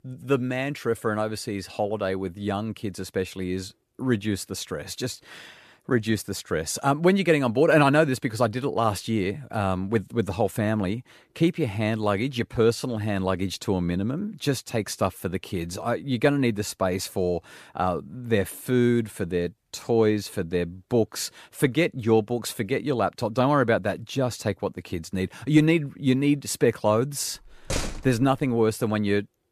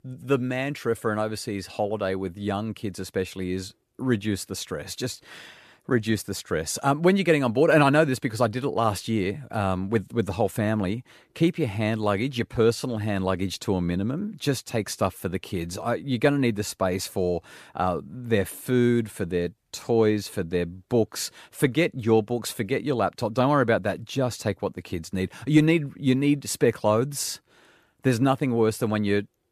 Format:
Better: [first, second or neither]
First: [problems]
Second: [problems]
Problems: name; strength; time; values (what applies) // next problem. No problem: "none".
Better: second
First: door banging; noticeable; at 28 s; peak 5 dB below the speech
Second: none